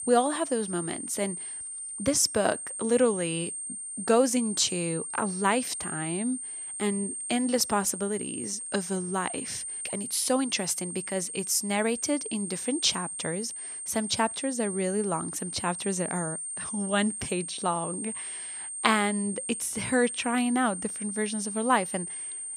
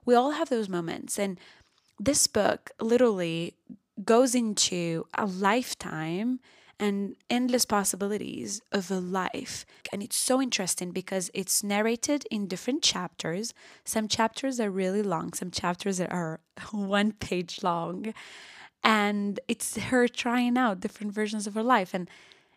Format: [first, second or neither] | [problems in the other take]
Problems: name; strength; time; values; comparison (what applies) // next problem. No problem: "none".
second | high-pitched whine; loud; throughout; 8.5 kHz, 5 dB below the speech